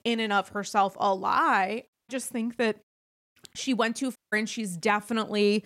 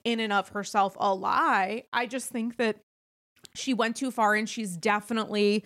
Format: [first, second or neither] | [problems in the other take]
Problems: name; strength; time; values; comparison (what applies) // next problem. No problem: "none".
second | audio cutting out; at 2 s and at 4 s